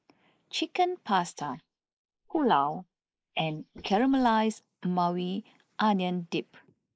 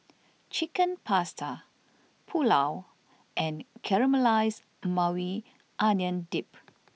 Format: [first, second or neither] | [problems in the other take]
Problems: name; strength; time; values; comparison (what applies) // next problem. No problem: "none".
second | noise reduction (neural mask model Resemble Enhance denoiser)